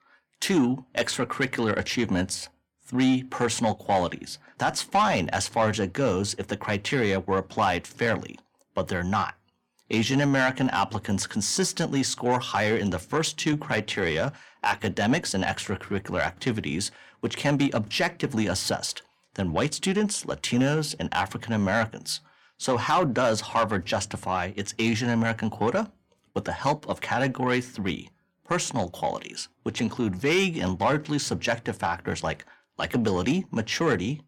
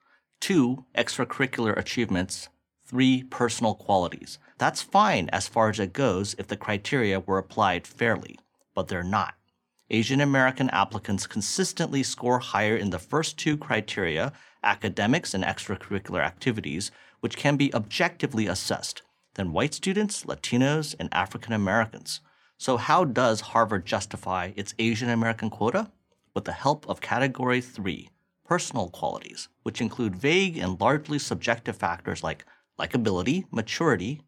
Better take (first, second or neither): second